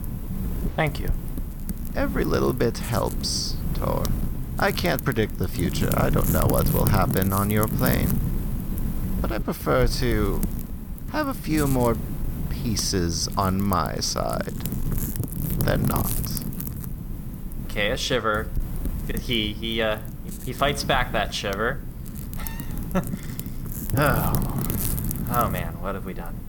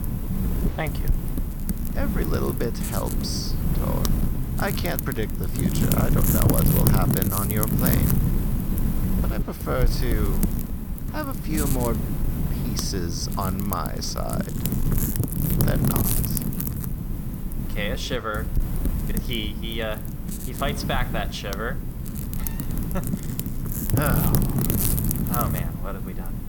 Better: first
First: wind noise on the microphone; occasional gusts; 10 dB below the speech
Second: wind noise on the microphone; heavy; 3 dB below the speech

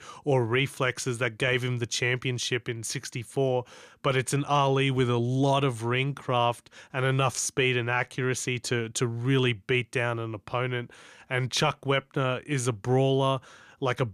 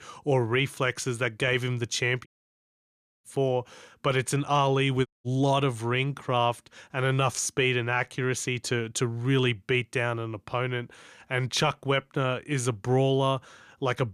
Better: first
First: none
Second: audio cutting out; at 2.5 s for 1 s and at 5 s

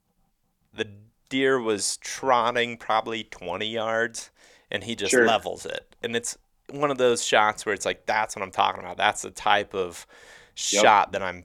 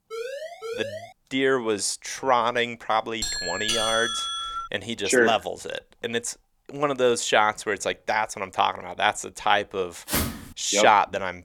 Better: first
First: none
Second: siren; noticeable; until 1 s; peak 9 dB below the speech // doorbell; loud; from 3 to 4.5 s; peak 1 dB above the speech // footsteps; noticeable; at 10 s; peak 2 dB below the speech

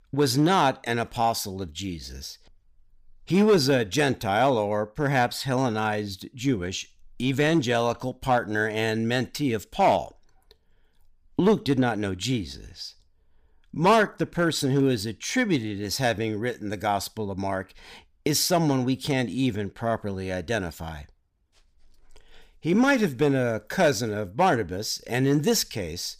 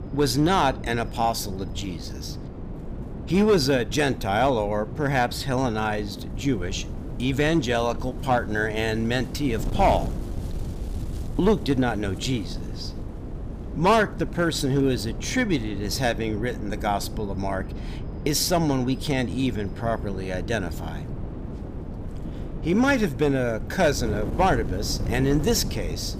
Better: first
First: none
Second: wind noise on the microphone; occasional gusts; 15 dB below the speech

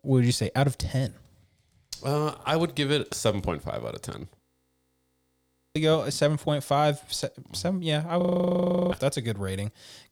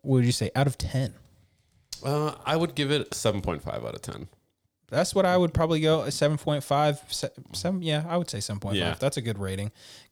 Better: second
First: audio freezing; at 4.5 s for 1.5 s and at 8 s for 0.5 s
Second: none

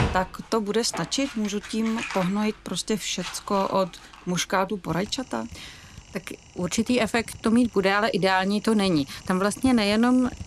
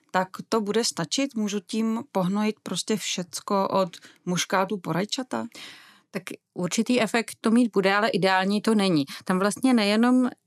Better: second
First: household noises; noticeable; throughout; 15 dB below the speech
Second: none

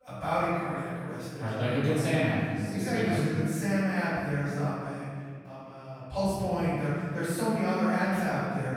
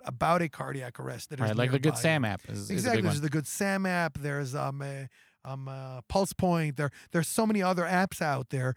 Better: second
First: off-mic speech; far // room echo; strong; dies away in 2 s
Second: none

